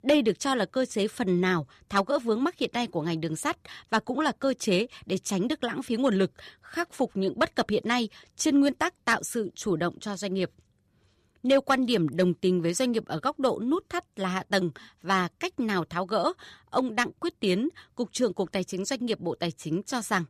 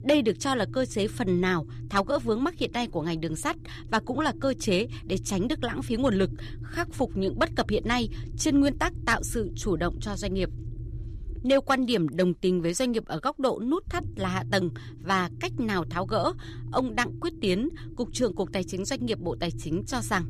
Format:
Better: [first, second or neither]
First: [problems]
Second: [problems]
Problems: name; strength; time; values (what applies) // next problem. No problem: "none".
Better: first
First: none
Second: low rumble; faint; throughout; 20 dB below the speech